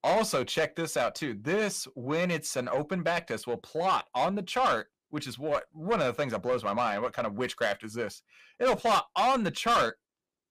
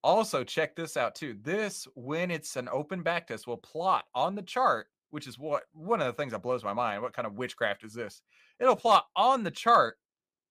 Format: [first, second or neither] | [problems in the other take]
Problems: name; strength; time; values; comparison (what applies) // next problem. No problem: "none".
second | distortion; heavy; 7 dB below the speech